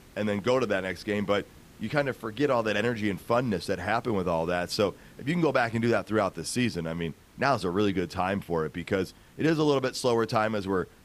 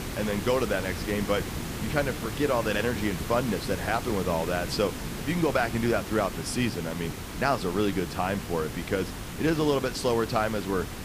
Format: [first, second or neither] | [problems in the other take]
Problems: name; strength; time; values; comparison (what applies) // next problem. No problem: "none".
first | hiss; loud; throughout; 7 dB below the speech; faint in the first